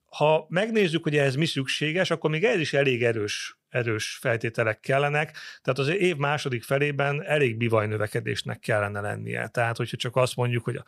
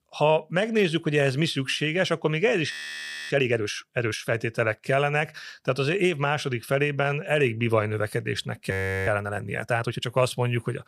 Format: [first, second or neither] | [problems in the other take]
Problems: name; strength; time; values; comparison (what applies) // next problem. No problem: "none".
first | audio freezing; at 2.5 s for 0.5 s and at 8.5 s